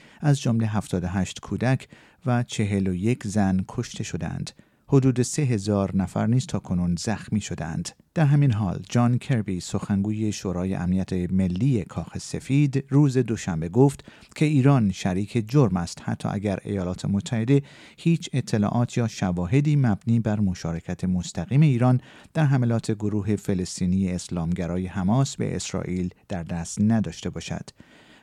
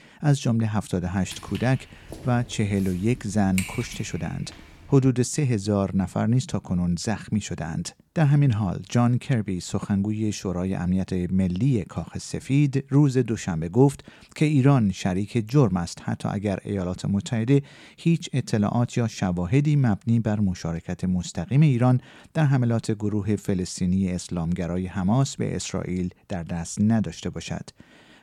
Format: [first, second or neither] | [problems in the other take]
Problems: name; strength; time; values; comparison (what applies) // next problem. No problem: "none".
first | footsteps; noticeable; from 1.5 to 4 s; peak 7 dB below the speech